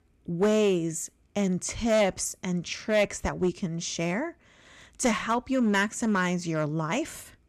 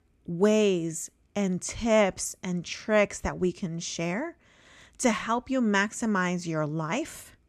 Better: second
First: distortion; slight; 3% of the sound clipped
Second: none

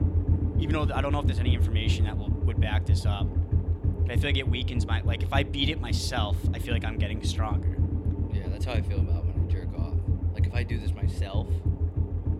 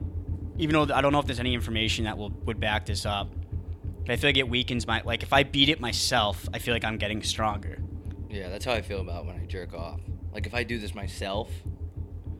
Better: second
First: low rumble; loud; throughout; 7 dB below the speech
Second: low rumble; faint; throughout; 25 dB below the speech

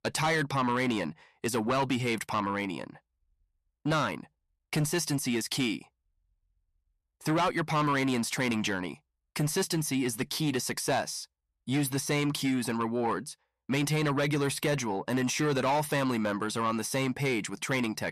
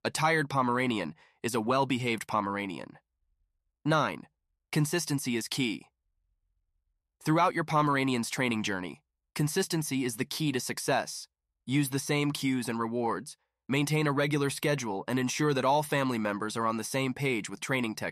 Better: second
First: distortion; slight; 10 dB below the speech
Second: none

